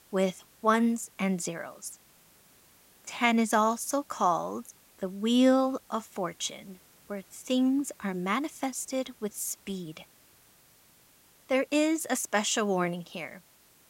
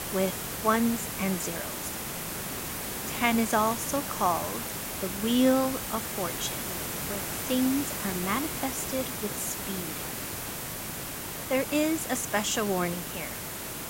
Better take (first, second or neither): first